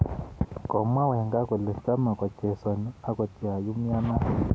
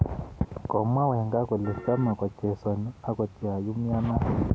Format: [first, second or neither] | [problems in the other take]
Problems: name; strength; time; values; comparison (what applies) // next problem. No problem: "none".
first | background sound (Piano); 13 dB below the speech